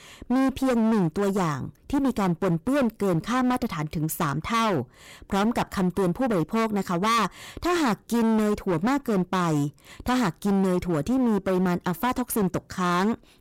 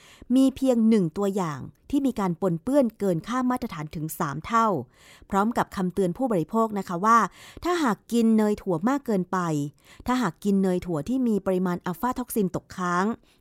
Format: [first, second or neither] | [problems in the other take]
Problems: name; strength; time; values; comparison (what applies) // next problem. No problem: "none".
second | distortion; heavy; 27% of the sound clipped